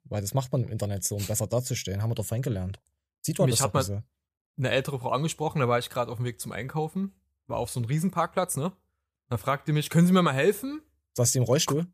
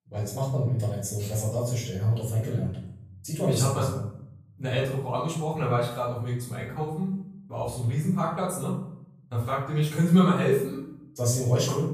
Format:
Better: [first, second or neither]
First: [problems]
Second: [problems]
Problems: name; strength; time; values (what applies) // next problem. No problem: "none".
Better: first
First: none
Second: room echo; noticeable; dies away in 0.6 s // off-mic speech; far